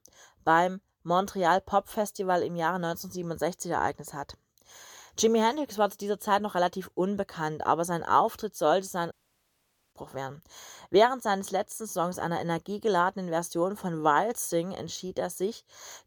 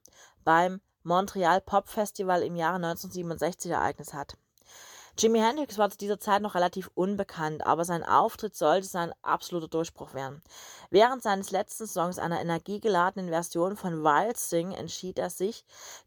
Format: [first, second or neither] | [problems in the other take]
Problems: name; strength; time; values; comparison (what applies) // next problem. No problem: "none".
second | audio cutting out; at 9 s for 1 s